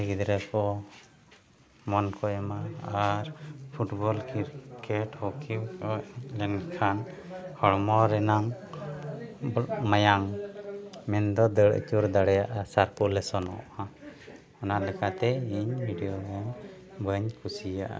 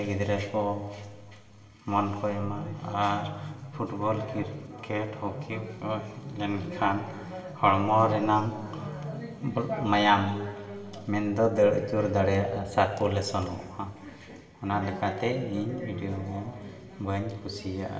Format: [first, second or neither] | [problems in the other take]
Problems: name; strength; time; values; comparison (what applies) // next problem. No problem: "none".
first | room echo; dies away in 2.2 s